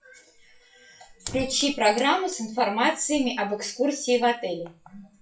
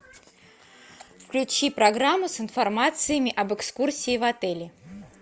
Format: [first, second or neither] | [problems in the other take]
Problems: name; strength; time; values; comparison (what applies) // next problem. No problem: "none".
second | noise reduction (classical method WPE with log-MMSE)